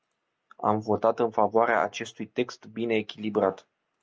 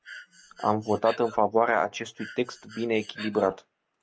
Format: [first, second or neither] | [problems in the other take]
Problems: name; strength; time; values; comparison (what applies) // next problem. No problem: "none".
first | background sound (Breathing); 17 dB below the speech